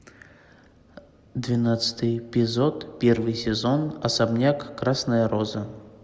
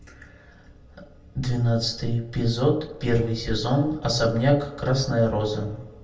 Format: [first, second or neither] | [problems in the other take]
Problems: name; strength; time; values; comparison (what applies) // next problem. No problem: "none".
first | room echo; dies away in 0.3 s